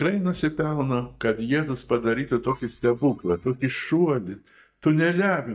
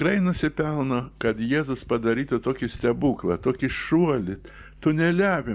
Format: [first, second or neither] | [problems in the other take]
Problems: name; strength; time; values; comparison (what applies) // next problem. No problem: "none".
second | noise reduction (neural mask model DeepFilterNet 3)